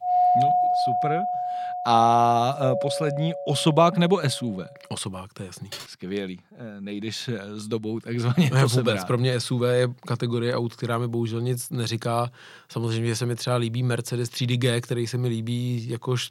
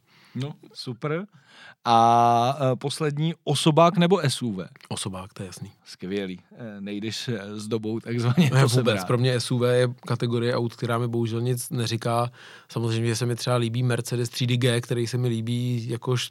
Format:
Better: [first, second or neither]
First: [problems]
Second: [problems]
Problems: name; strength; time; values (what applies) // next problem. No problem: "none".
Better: second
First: doorbell; loud; until 4 s; peak 6 dB above the speech // keyboard typing; faint; at 5.5 s; peak 15 dB below the speech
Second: none